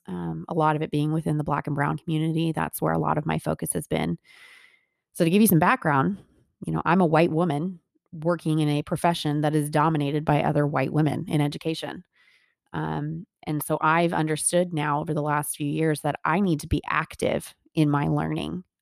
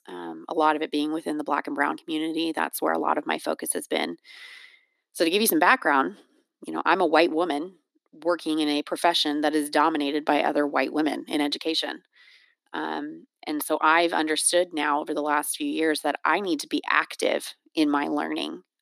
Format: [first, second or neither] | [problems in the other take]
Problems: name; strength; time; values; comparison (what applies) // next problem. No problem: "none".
first | thin; somewhat; fading below 250 Hz